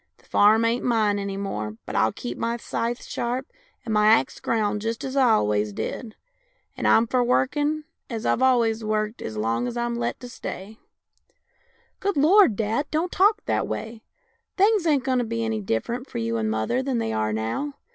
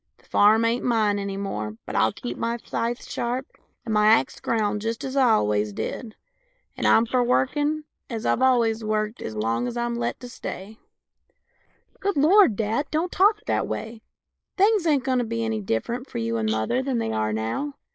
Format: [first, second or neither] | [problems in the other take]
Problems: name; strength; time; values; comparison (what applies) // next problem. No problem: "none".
first | noise reduction (neural mask model Resemble Enhance denoiser)